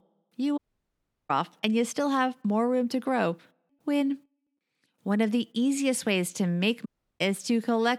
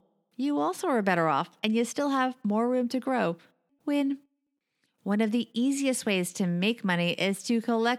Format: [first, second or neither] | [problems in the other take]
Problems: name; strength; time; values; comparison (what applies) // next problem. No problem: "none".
second | audio cutting out; at 0.5 s for 0.5 s and at 7 s